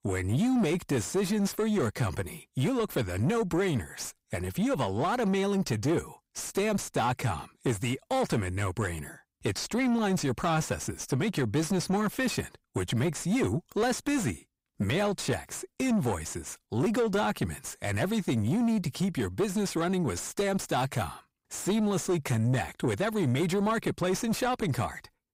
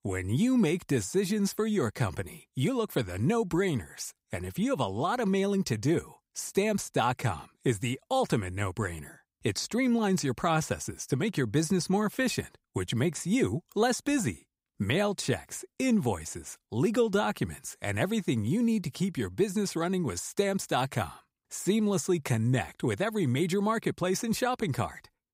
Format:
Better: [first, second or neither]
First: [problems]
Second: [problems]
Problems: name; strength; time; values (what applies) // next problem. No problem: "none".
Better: second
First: distortion; slight; 10 dB below the speech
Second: none